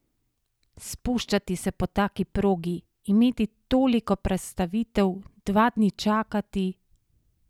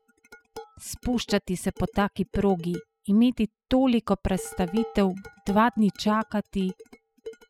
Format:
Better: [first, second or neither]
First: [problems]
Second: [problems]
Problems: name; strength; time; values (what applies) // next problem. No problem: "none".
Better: first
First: none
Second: noise reduction (classical method spectral subtraction)